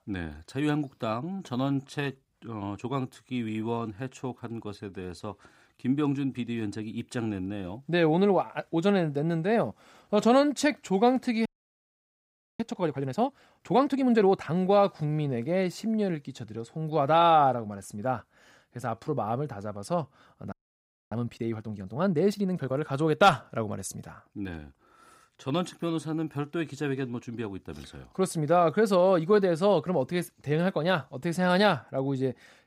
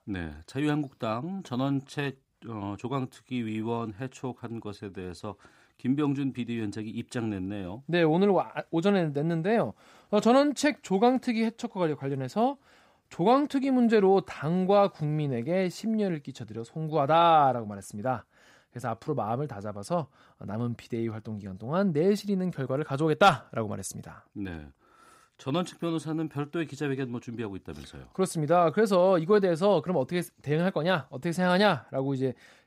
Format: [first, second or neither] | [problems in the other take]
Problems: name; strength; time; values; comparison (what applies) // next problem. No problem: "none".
second | audio freezing; at 11 s for 1 s and at 21 s for 0.5 s